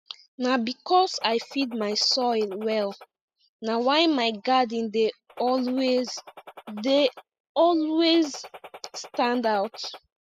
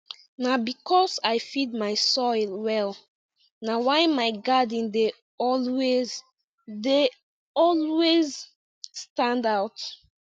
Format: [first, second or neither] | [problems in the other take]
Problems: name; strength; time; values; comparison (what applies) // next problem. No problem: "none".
second | noise reduction (classical method spectral subtraction)